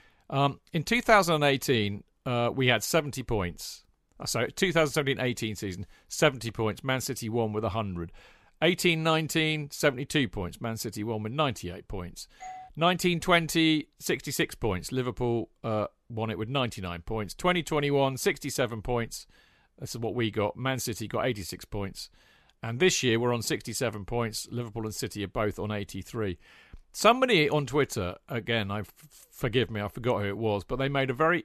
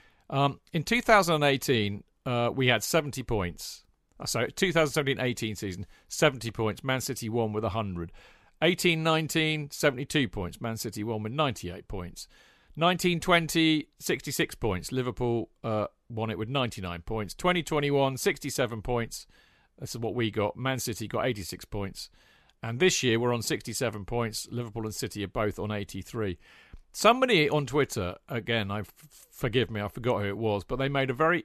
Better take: second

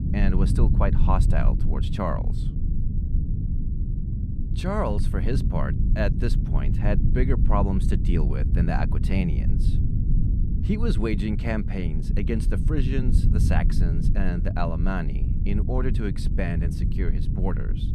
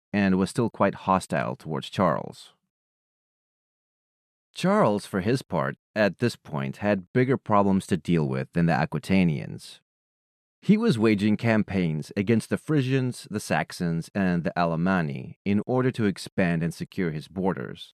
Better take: second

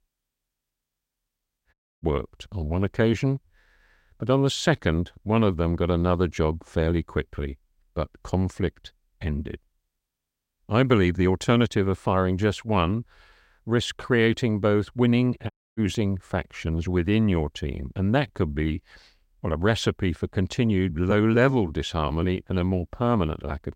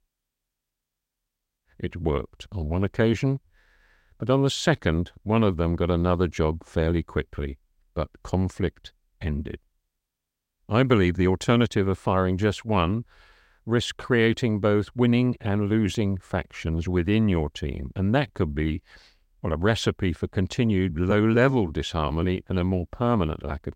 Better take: second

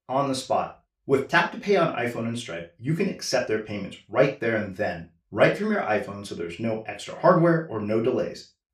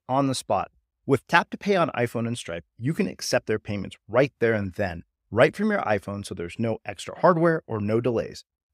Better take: second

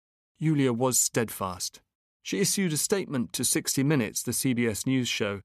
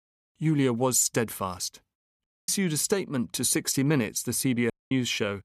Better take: first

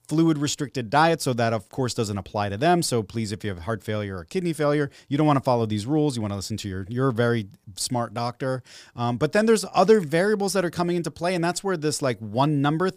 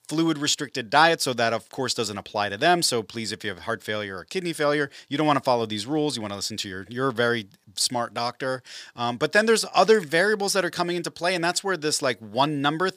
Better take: first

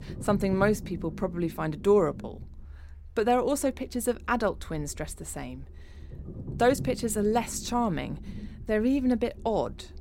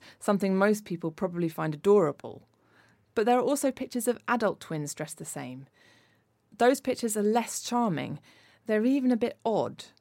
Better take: second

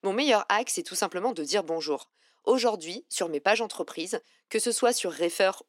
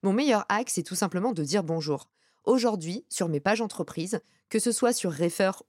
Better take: second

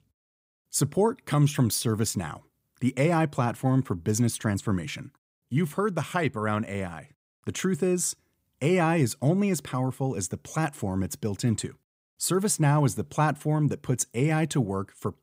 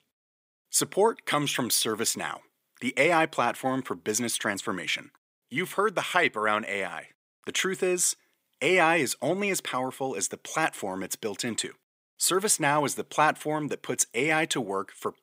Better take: first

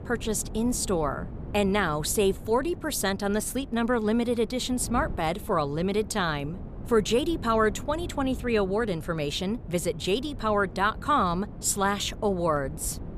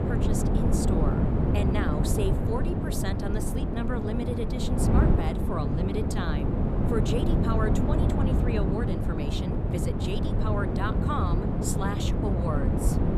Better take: first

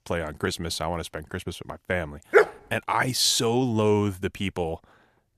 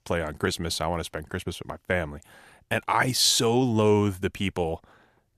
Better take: second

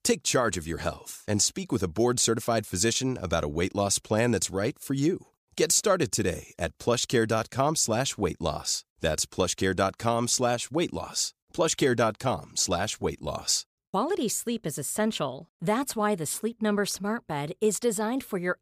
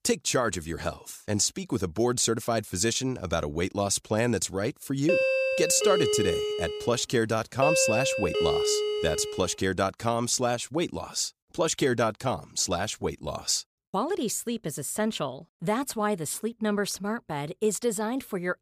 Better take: first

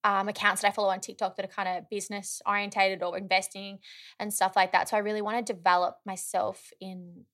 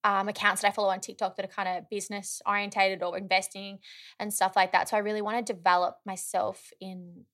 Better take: neither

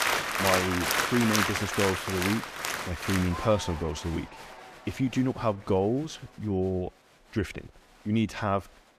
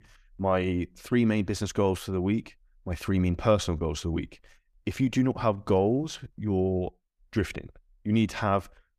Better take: second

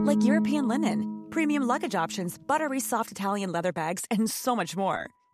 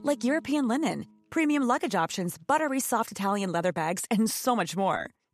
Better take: second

